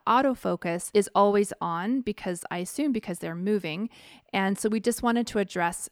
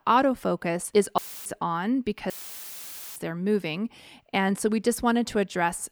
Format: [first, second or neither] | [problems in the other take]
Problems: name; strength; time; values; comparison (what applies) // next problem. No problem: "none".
first | audio cutting out; filled with static; at 1 s and at 2.5 s for 1 s